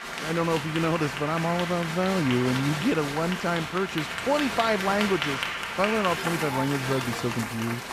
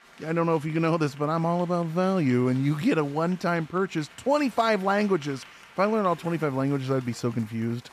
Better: second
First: crowd noise; loud; throughout; 3 dB below the speech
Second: crowd noise; faint; throughout; 20 dB below the speech

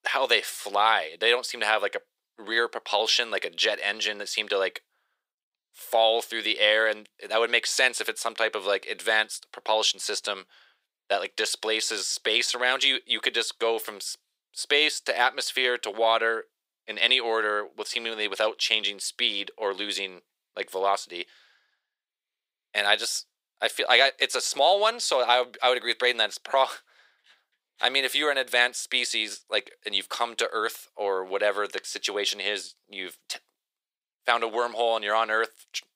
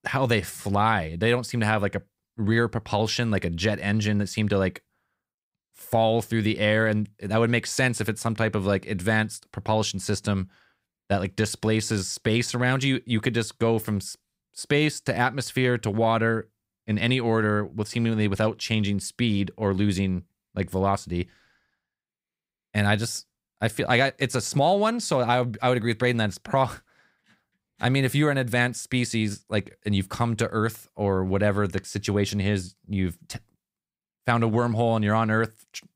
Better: second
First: thin; very; fading below 450 Hz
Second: none

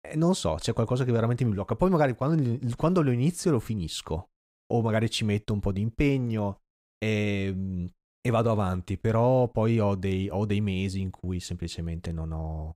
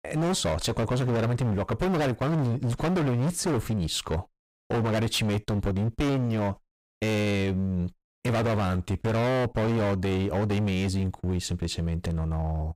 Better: first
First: none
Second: distortion; heavy; 31% of the sound clipped

